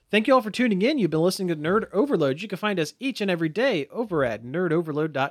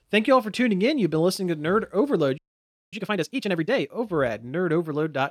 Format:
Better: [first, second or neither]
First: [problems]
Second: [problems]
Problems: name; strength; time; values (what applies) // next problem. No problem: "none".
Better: first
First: none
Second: audio freezing; at 2.5 s for 0.5 s